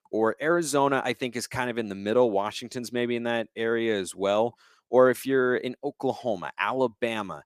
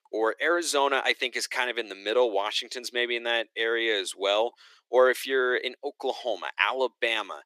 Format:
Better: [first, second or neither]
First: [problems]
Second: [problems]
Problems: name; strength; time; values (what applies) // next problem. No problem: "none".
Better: first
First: none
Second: thin; somewhat; fading below 350 Hz